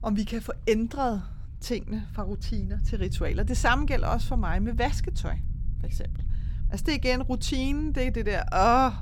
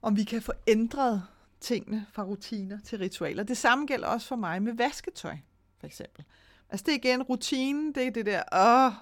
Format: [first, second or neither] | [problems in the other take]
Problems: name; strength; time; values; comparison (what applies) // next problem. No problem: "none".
second | low rumble; faint; throughout; 25 dB below the speech